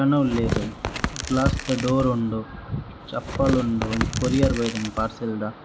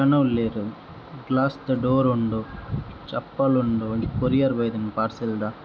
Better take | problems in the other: second | background sound (Tearing); 5 dB below the speech

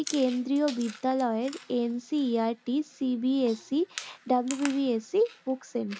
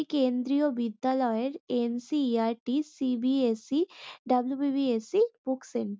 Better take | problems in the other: second | background sound (Chewing, mastication); 17 dB below the speech

